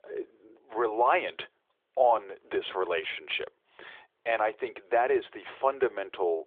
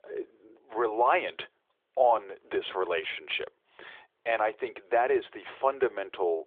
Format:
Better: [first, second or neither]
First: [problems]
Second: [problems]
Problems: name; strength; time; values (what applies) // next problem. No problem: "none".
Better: neither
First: phone-call audio; nothing above 3.5 kHz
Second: phone-call audio; nothing above 3.5 kHz